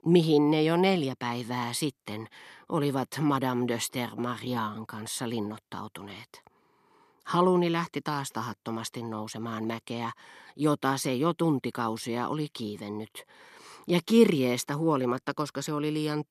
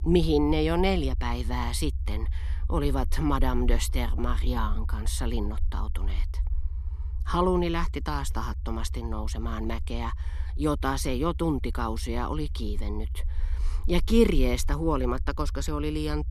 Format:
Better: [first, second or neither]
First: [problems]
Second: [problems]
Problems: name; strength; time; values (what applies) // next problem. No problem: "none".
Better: first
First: none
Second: low rumble; faint; throughout; 25 dB below the speech